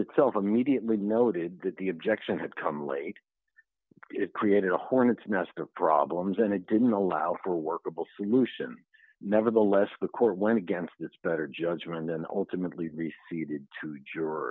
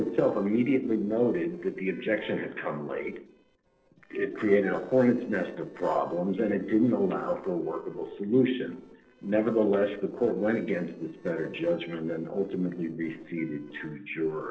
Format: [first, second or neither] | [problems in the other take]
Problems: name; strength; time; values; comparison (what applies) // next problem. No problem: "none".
first | noise reduction (neural separator model SepFormer DNS4)